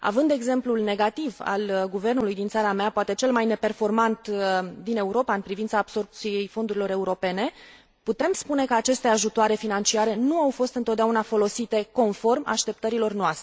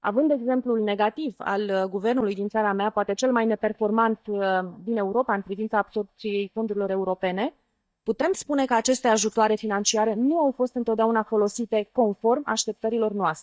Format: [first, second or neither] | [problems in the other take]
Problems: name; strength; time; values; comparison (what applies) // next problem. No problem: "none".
first | noise reduction (neural mask model DeepFilterNet 3)